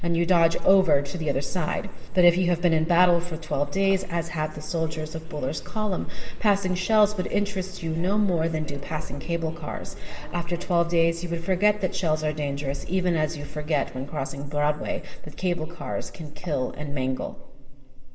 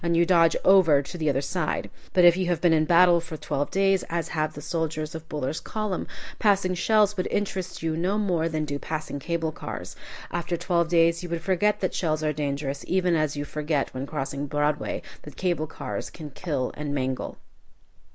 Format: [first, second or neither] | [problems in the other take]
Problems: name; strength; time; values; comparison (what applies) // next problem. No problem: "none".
second | background sound (Subway, metro, underground); 16 dB below the speech // room echo; dies away in 2.6 s